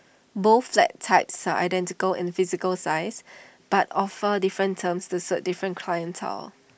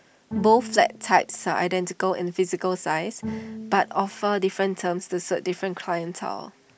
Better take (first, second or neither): first